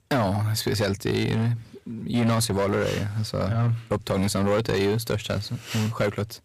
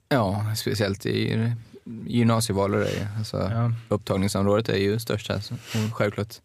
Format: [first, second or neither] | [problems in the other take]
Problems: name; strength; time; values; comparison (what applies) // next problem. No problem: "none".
second | distortion; slight; 9% of the sound clipped